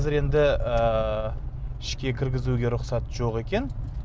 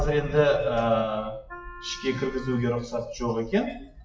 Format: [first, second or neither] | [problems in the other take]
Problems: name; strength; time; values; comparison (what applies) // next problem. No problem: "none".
first | noise reduction (classical method WPE with log-MMSE)